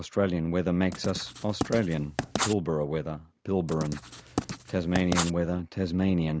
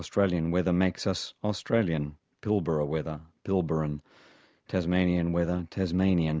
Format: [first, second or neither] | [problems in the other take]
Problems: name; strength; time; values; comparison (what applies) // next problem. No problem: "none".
second | background sound (Writing); 6 dB below the speech